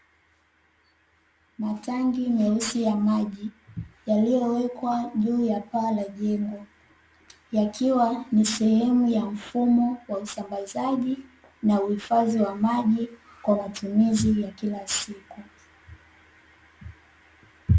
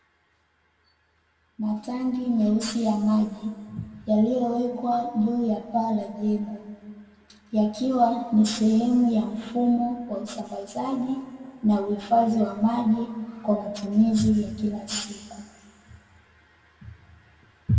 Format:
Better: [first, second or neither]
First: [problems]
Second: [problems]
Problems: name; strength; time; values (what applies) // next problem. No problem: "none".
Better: first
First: none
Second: room echo; dies away in 1.7 s